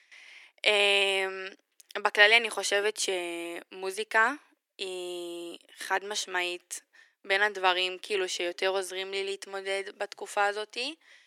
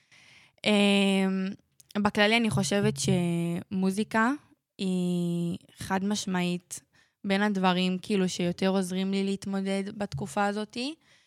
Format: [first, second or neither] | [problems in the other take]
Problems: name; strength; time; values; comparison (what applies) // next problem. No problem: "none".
second | thin; very; fading below 350 Hz